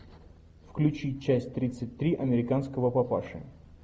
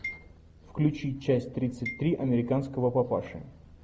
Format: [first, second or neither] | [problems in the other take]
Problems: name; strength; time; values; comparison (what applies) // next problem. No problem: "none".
first | background sound (Marimba, xylophone); 16 dB below the speech